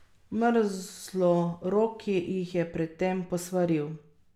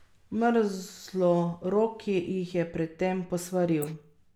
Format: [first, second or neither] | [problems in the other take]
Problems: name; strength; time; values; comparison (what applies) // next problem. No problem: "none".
first | noise reduction (neural mask model Resemble Enhance denoiser)